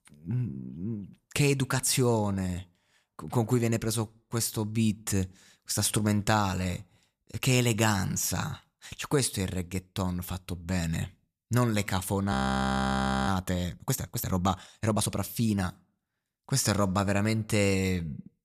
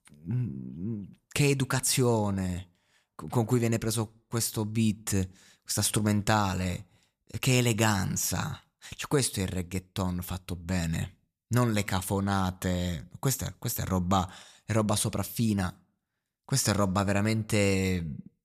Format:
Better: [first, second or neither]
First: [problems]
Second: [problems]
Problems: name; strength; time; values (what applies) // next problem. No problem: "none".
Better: second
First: audio freezing; at 12 s for 1 s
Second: none